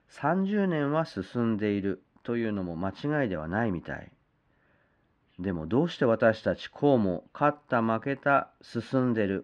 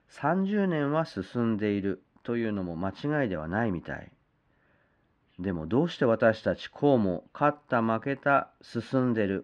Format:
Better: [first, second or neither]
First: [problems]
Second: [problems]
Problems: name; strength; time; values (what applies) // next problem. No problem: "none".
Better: neither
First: muffled; slightly; fading above 2 kHz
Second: muffled; slightly; fading above 2 kHz